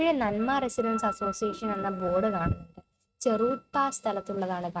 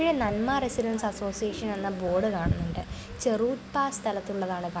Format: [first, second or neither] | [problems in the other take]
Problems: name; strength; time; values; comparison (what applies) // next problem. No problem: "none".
second | noise reduction (neural mask model RNNoise)